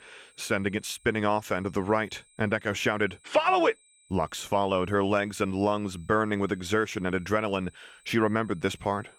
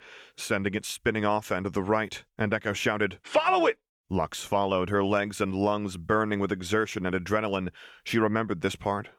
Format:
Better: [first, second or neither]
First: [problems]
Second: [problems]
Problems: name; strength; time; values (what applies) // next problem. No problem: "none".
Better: second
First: high-pitched whine; faint; throughout; 8 kHz, 30 dB below the speech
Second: none